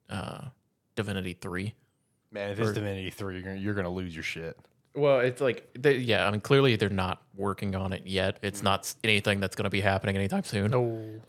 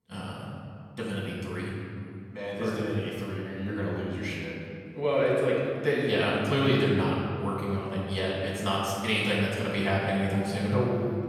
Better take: first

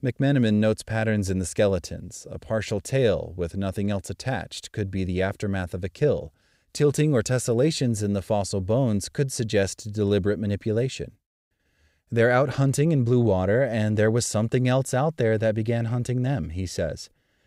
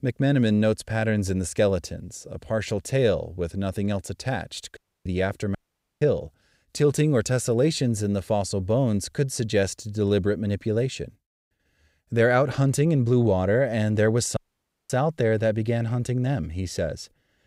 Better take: first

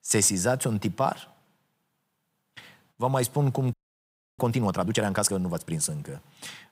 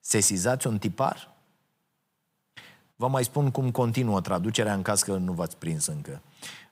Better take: second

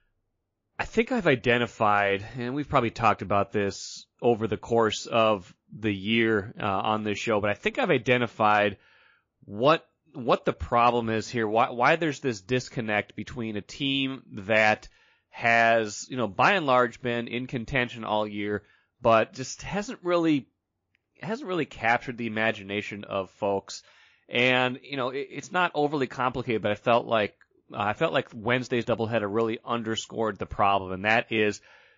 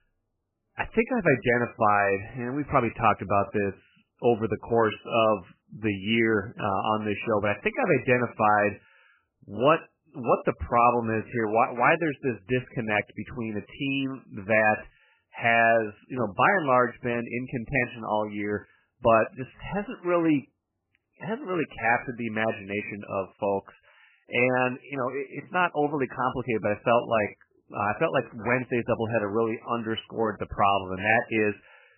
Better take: first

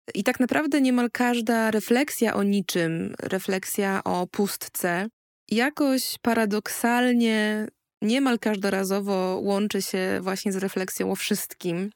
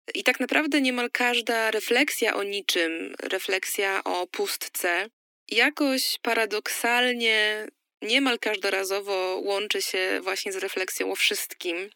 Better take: first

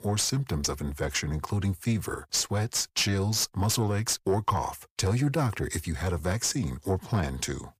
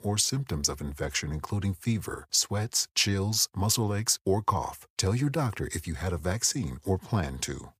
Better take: second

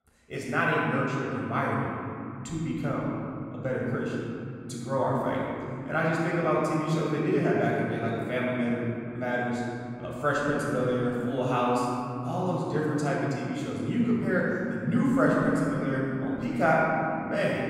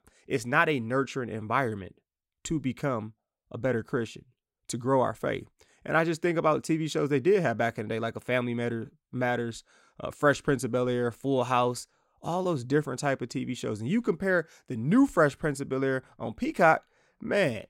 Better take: second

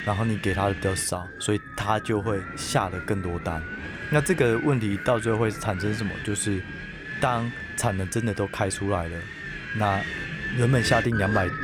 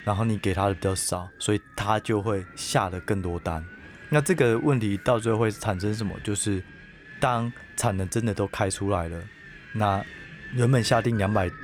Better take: second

